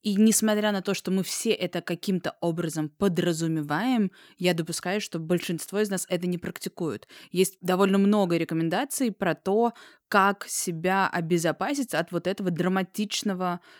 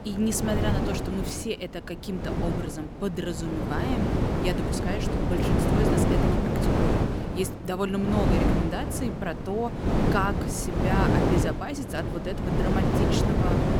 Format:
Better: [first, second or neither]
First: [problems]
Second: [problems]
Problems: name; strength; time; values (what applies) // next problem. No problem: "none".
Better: first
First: none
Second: wind noise on the microphone; heavy; 2 dB above the speech